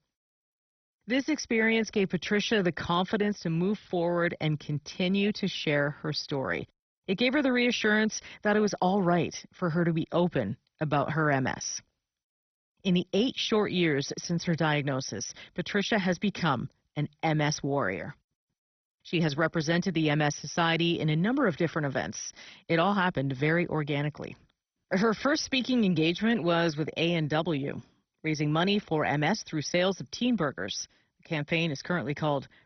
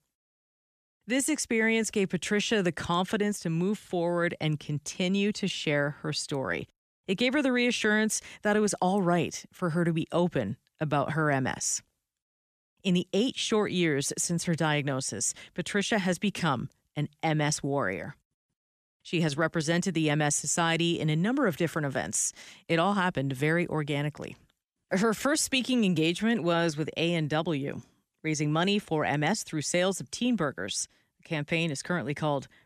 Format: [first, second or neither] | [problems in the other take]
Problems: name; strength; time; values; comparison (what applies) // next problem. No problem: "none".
second | garbled, watery; badly; nothing above 6 kHz